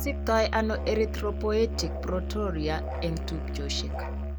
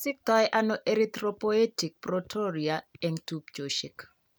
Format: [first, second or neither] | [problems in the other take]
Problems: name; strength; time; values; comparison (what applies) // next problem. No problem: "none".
second | background sound (Musical instrument); 2 dB below the speech